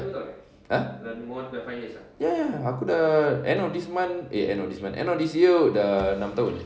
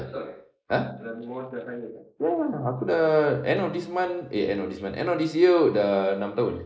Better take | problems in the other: first | noise reduction (neural mask model Resemble Enhance denoiser)

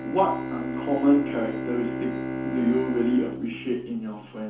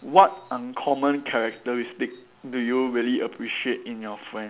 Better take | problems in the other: second | background sound (Bowed string instrument); 6 dB below the speech // room echo; dies away in 0.9 s

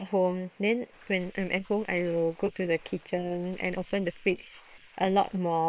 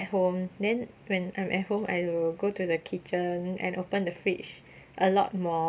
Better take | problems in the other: second | noise reduction (neural separator model SepFormer WHAM!)

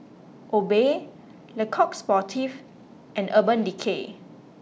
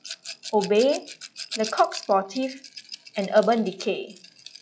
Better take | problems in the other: first | noise reduction (classical method log-MMSE)

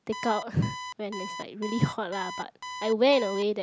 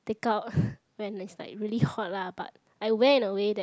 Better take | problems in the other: second | background sound (Alarm); 11 dB below the speech

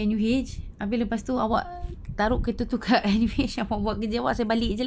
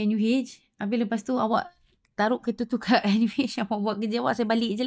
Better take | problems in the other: first | noise reduction (neural mask model DeepFilterNet 3)

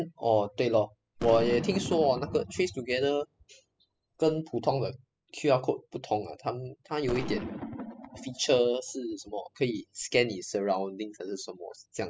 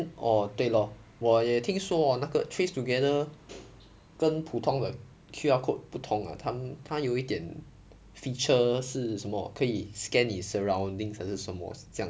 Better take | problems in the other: second | noise reduction (classical method spectral subtraction)

